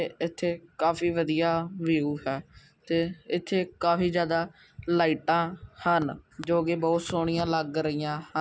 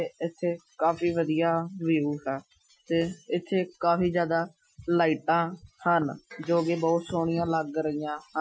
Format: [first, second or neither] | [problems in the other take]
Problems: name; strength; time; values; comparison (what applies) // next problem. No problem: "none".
first | noise reduction (classical method Wiener filter)